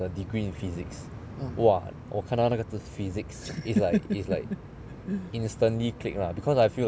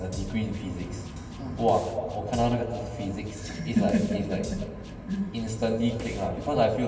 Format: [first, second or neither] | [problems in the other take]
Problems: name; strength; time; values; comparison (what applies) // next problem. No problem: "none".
first | background sound (Drum kit); 17 dB below the speech // room echo; dies away in 2.3 s